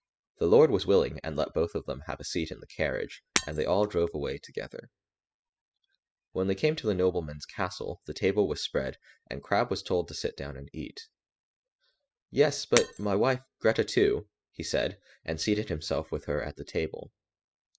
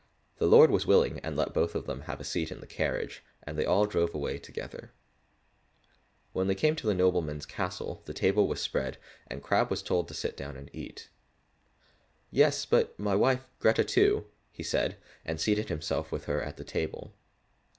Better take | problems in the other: second | noise reduction (classical method spectral subtraction)

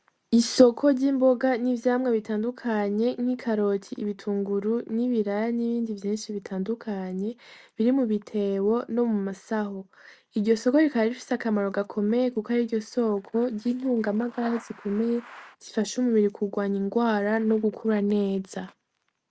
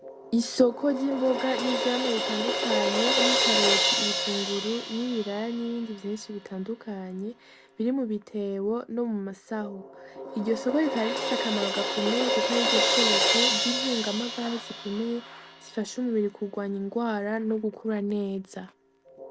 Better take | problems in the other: first | background sound (Crash cymbal); as loud as the speech

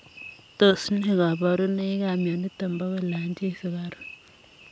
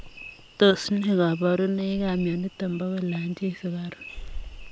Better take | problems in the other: first | background sound (Breathing); 16 dB below the speech

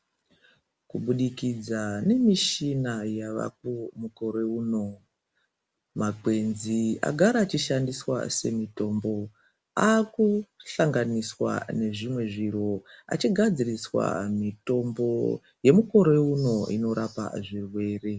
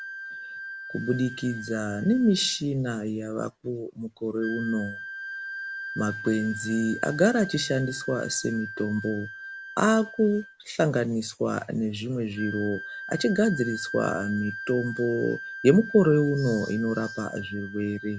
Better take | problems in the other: first | background sound (Wind instrument, woodwind instrument); 12 dB below the speech

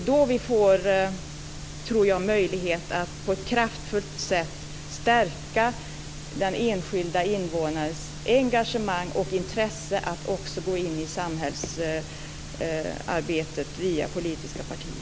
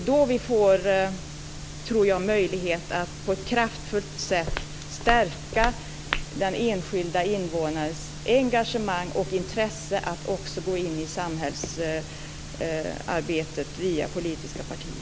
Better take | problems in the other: first | background sound (Walk, footsteps); 5 dB below the speech

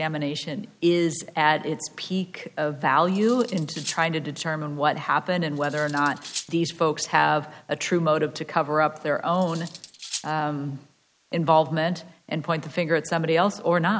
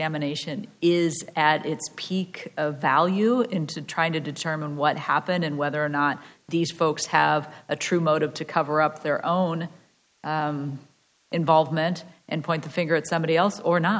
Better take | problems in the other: second | background sound (Cutlery, silverware); 14 dB below the speech

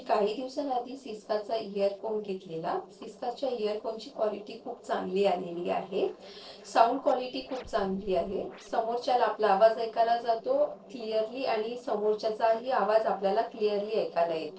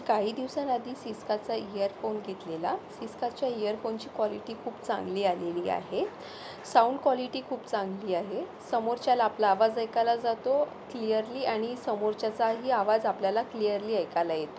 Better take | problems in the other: second | noise reduction (neural separator model SepFormer DNS4)

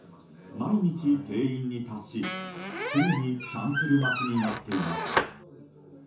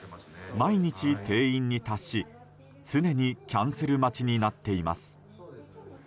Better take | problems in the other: second | background sound (Squeak); 3 dB below the speech // room echo; dies away in 0.9 s

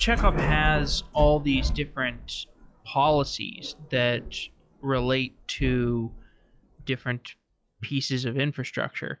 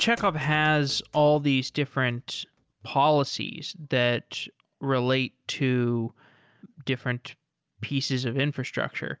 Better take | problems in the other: second | noise reduction (classical method log-MMSE)

